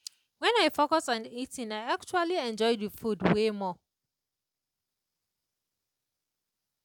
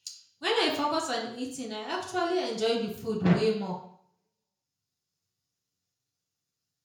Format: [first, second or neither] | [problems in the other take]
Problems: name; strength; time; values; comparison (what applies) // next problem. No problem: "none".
first | room echo; dies away in 0.5 s